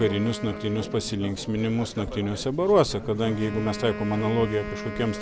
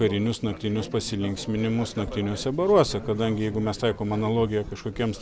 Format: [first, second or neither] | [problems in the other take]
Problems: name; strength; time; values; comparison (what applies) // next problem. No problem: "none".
second | background sound (Wind instrument, woodwind instrument); 12 dB below the speech